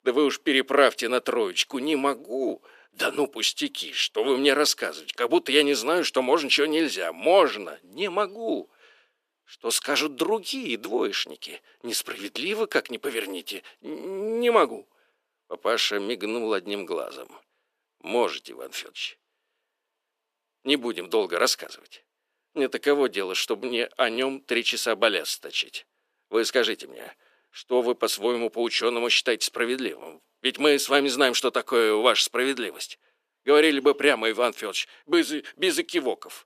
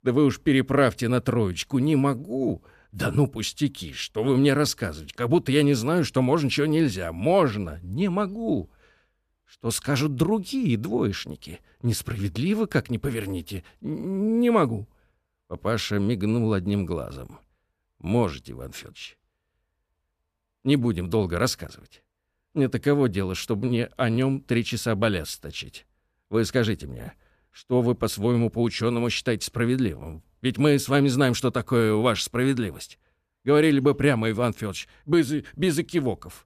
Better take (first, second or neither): second